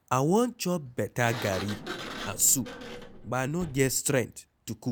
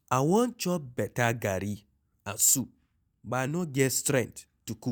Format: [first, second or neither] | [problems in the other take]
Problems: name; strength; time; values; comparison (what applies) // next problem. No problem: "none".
second | background sound (Sliding door); 14 dB below the speech